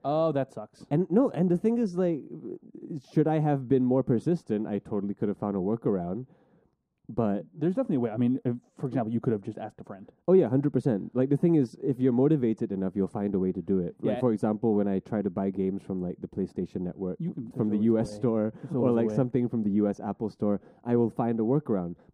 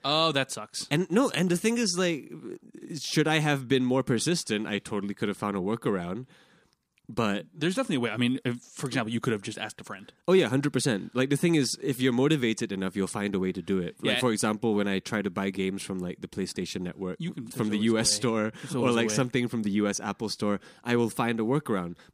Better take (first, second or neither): second